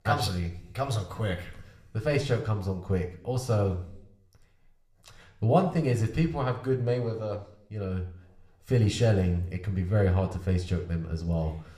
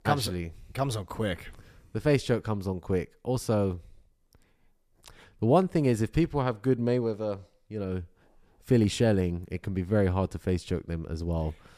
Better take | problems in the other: second | room echo; slight; dies away in 0.6 s

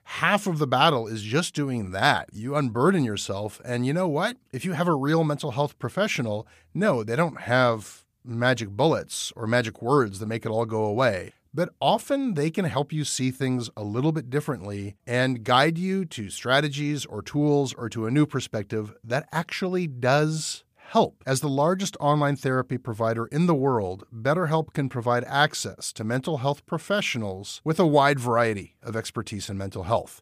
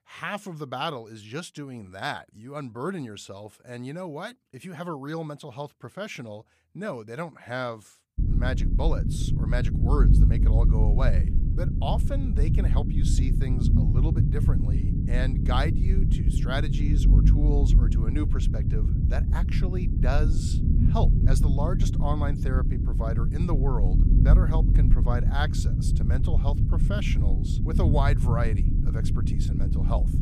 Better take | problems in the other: first | low rumble; loud; from 8 s on; 3 dB below the speech

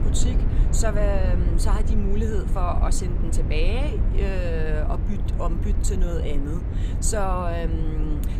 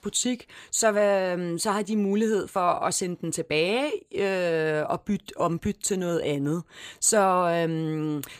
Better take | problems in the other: second | low rumble; loud; throughout; 8 dB below the speech

